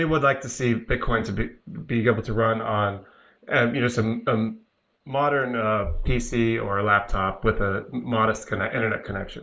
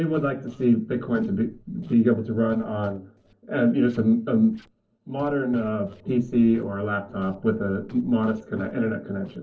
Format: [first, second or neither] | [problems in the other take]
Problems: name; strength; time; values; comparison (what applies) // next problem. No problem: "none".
first | noise reduction (neural separator model SepFormer DNS4)